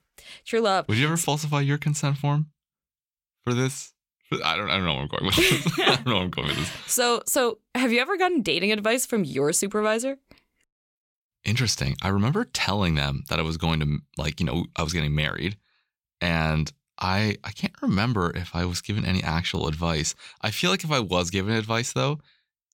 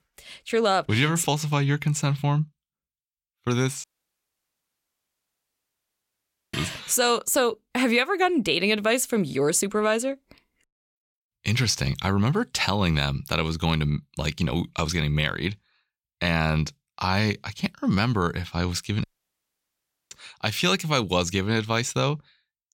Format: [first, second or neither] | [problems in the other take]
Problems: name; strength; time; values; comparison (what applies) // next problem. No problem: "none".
first | audio cutting out; at 4 s for 2.5 s and at 19 s for 1 s